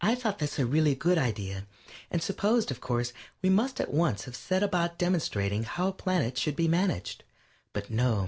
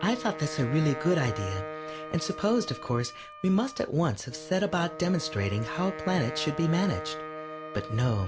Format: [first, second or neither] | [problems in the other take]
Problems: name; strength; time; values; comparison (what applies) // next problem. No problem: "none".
first | background sound (Wind instrument, woodwind instrument + Wind instrument, woodwind instrument); 10 dB below the speech